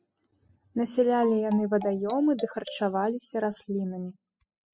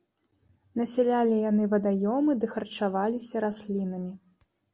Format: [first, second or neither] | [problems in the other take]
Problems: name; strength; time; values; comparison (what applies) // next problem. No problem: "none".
second | noise reduction (classical method spectral subtraction)